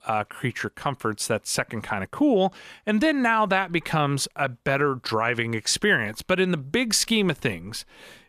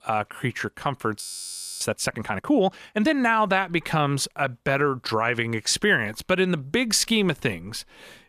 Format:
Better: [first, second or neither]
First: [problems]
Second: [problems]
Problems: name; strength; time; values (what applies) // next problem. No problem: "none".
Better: first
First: none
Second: audio freezing; at 1 s for 0.5 s